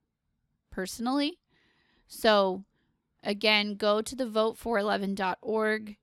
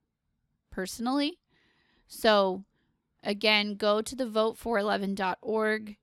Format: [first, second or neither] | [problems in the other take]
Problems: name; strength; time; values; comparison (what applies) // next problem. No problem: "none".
neither | none